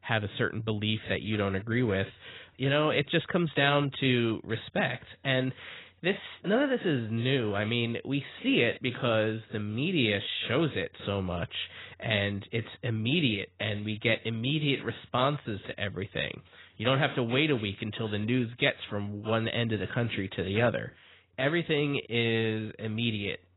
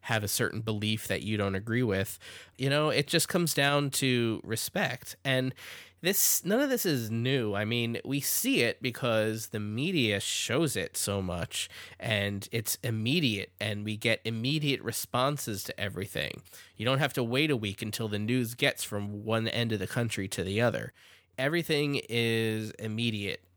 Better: second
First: garbled, watery; badly; nothing above 4 kHz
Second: none

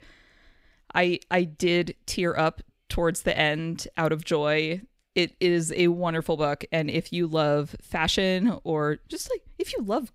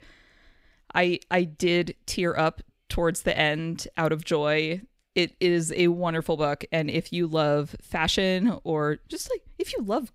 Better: neither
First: none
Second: none

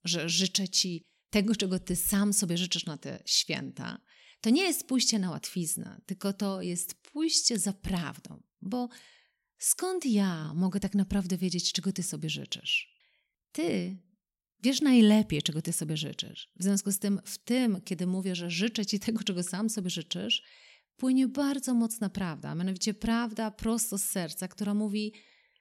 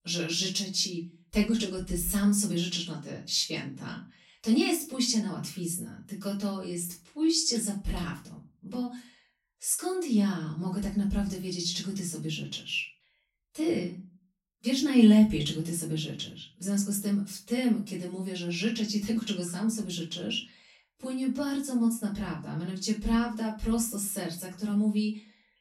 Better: first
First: none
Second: off-mic speech; far // room echo; slight; dies away in 0.3 s

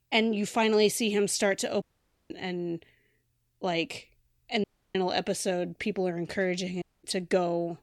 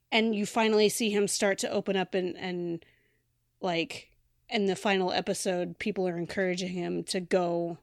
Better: second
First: audio cutting out; at 2 s, at 4.5 s and at 7 s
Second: none

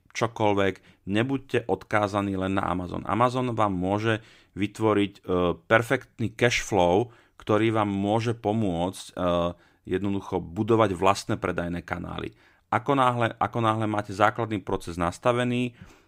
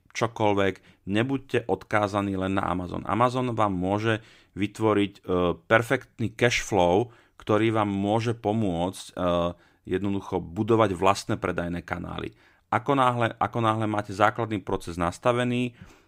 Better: neither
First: none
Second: none

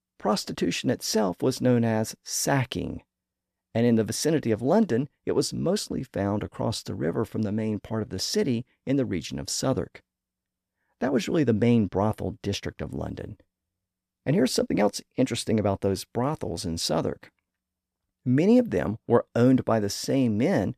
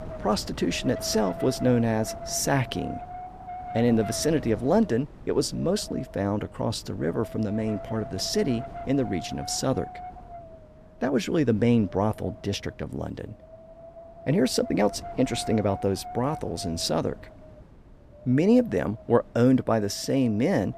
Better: first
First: none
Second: wind noise on the microphone; occasional gusts; 10 dB below the speech

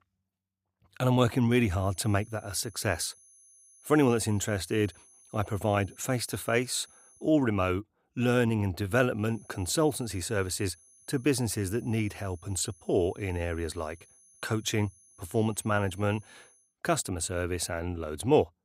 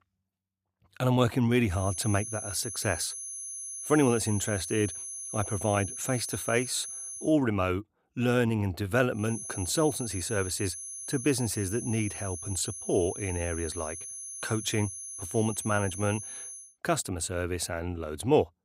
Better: first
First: high-pitched whine; faint; from 2 to 7.5 s and from 9 to 17 s; 10.5 kHz, 25 dB below the speech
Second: high-pitched whine; loud; from 2 to 7.5 s and from 9 to 17 s; 10.5 kHz, 7 dB below the speech

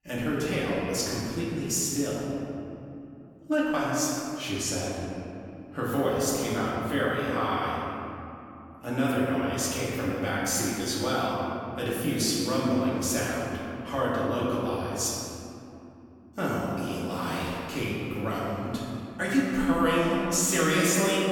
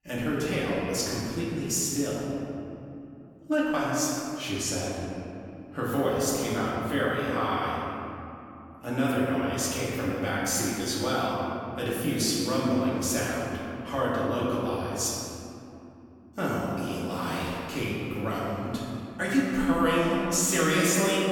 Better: neither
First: room echo; strong; dies away in 2.7 s // off-mic speech; far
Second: room echo; strong; dies away in 2.7 s // off-mic speech; far

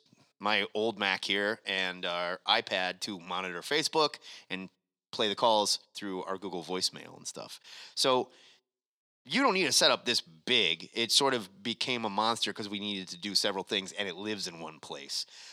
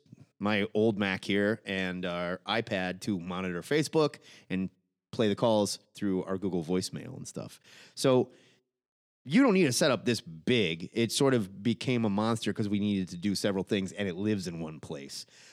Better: second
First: thin; somewhat; fading below 750 Hz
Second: none

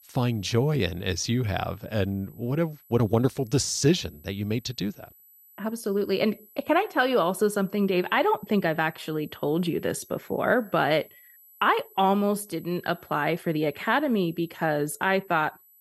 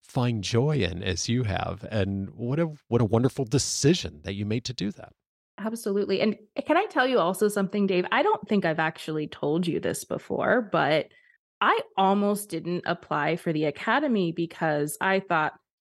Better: second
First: high-pitched whine; faint; throughout; 12 kHz, 25 dB below the speech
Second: none

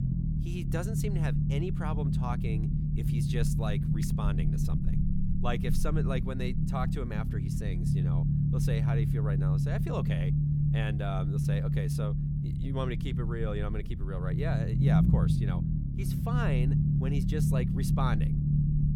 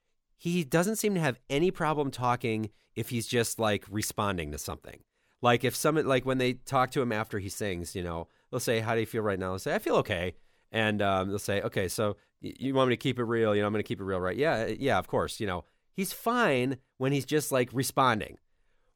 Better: second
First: low rumble; loud; throughout; as loud as the speech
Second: none

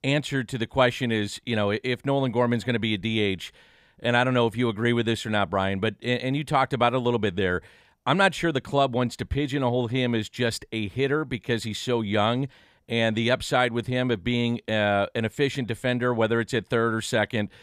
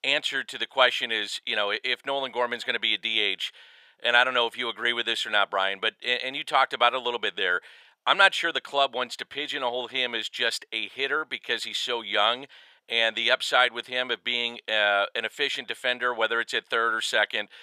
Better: first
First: none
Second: thin; very; fading below 650 Hz

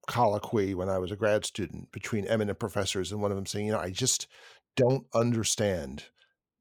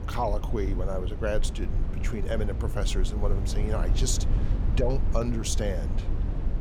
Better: first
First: none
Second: low rumble; loud; throughout; 10 dB below the speech

